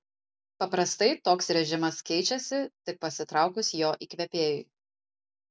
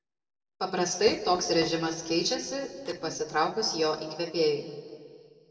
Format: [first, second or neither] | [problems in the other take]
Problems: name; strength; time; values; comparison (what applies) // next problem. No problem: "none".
first | noise reduction (neural separator model SepFormer DNS4)